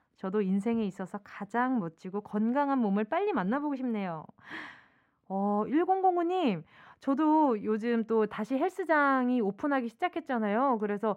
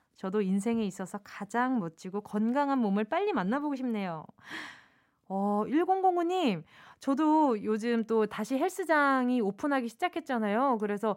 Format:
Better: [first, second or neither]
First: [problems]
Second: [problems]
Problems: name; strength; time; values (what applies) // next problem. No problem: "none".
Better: second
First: muffled; slightly; fading above 4 kHz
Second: none